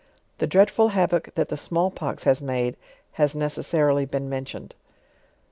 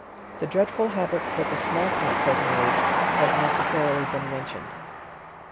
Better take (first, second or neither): first